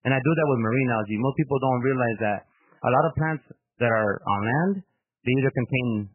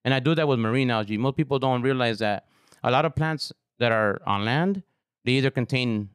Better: second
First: garbled, watery; badly; nothing above 3 kHz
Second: none

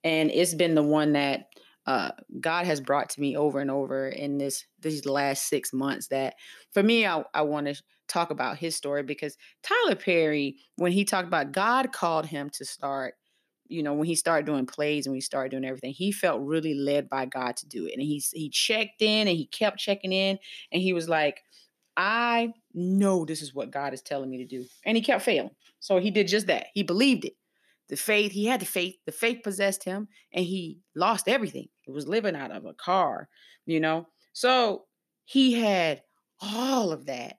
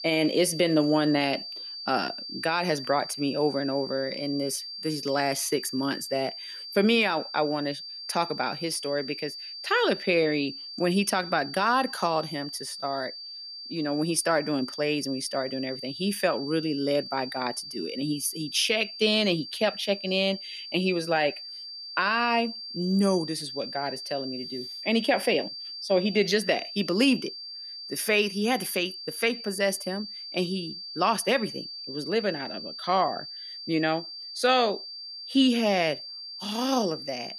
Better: first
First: none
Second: high-pitched whine; loud; throughout; 4.5 kHz, 9 dB below the speech

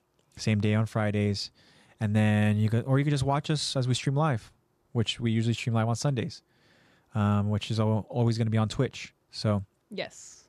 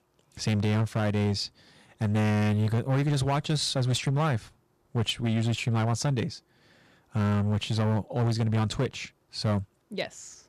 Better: first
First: none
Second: distortion; slight; 13% of the sound clipped

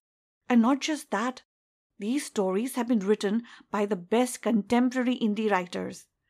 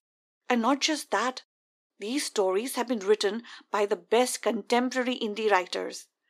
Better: first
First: none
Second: thin; somewhat; fading below 300 Hz

